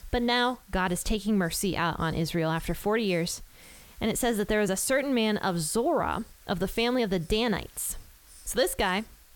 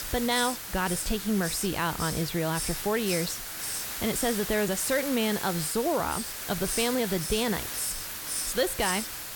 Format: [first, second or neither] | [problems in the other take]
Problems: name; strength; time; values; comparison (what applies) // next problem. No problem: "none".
first | hiss; loud; throughout; 3 dB below the speech; faint in the first